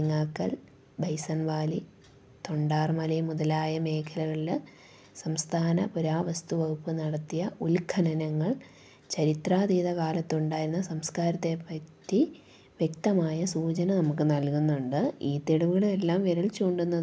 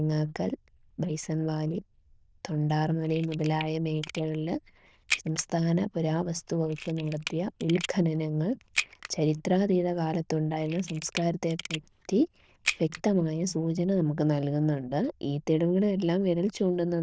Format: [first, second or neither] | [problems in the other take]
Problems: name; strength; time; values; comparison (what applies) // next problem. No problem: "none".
first | noise reduction (neural diffusion model UNIVERSE++)